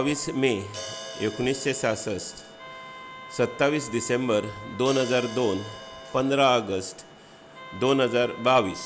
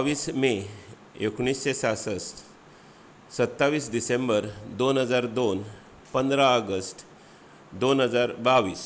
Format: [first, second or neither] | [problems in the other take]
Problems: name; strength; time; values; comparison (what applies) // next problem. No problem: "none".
second | background sound (Wind instrument, woodwind instrument + Crash cymbal); 15 dB below the speech